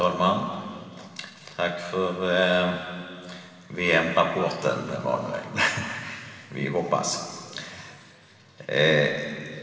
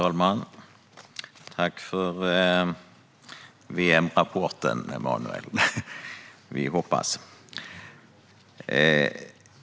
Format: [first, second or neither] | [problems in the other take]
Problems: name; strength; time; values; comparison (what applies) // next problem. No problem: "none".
second | room echo; dies away in 2.5 s